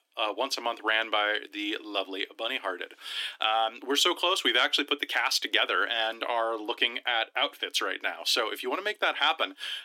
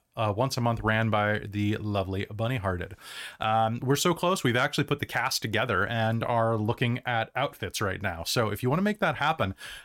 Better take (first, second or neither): second